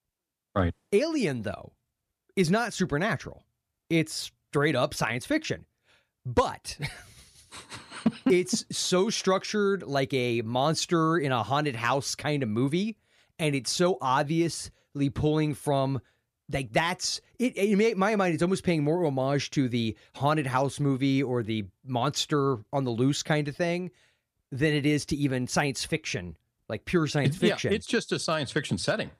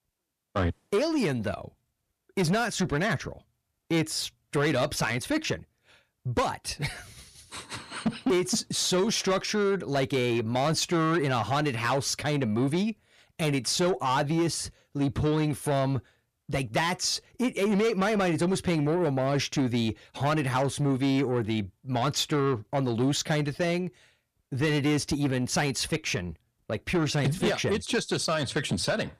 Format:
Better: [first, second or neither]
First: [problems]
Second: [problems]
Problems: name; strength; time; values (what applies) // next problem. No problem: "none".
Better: first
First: none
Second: distortion; slight; 10 dB below the speech